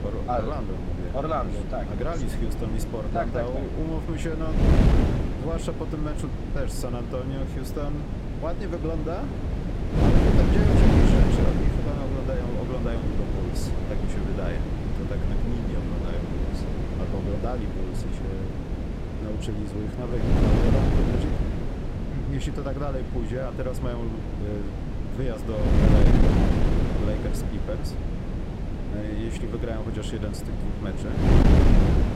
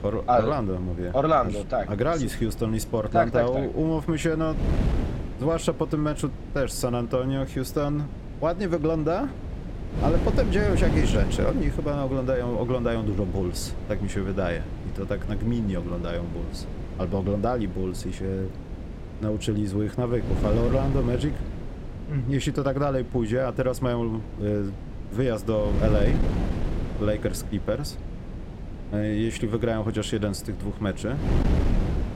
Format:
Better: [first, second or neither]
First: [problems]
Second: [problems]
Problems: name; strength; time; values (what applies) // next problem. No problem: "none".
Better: second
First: wind noise on the microphone; heavy; 1 dB above the speech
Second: wind noise on the microphone; occasional gusts; 10 dB below the speech